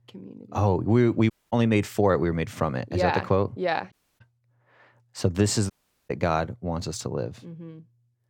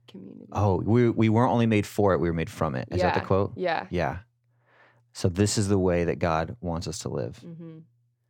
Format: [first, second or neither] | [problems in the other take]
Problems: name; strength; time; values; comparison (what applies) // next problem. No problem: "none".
second | audio cutting out; at 1.5 s, at 4 s and at 5.5 s